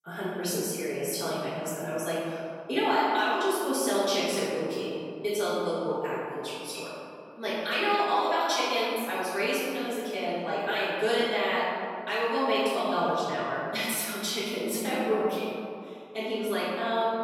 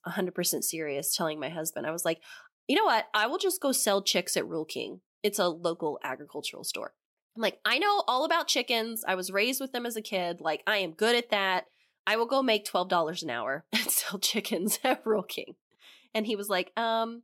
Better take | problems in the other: second | off-mic speech; far // room echo; strong; dies away in 2.4 s

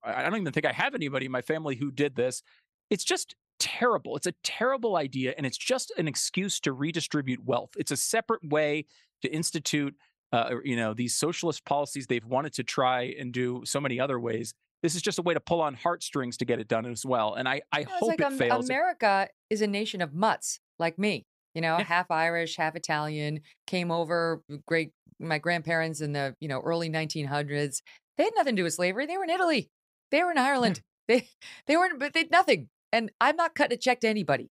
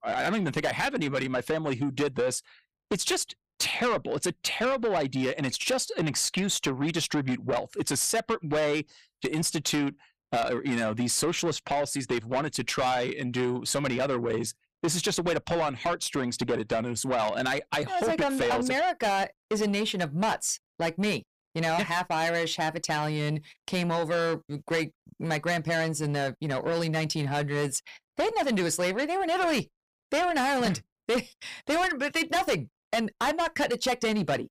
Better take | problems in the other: first | distortion; heavy; 7 dB below the speech

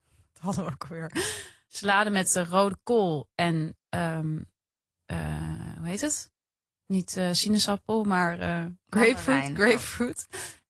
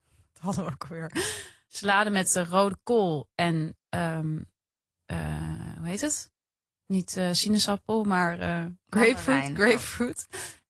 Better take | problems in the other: neither | garbled, watery; slightly; nothing above 16 kHz; the same in both

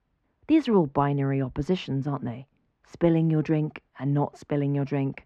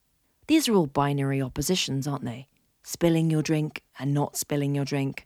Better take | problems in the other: second | muffled; very; fading above 2 kHz

